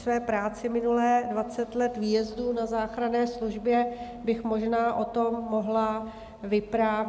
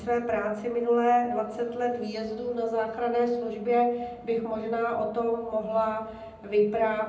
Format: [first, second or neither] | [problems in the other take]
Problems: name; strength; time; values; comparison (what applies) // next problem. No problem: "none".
first | room echo; dies away in 0.6 s